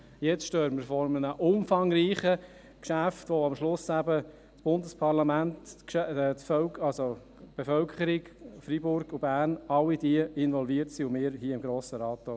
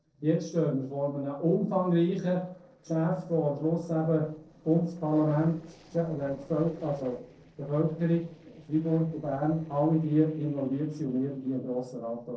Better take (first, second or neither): first